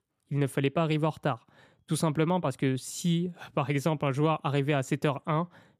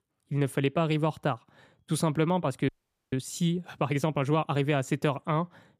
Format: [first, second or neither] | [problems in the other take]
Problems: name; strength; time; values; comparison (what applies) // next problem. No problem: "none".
first | audio freezing; at 2.5 s